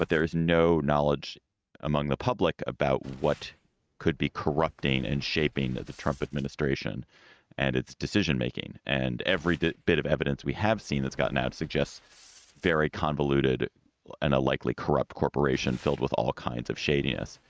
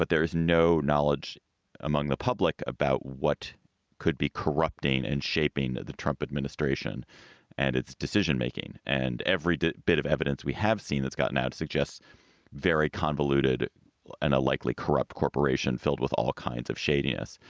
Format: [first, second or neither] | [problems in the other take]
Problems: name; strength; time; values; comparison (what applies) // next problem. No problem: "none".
second | noise reduction (neural mask model RNNoise)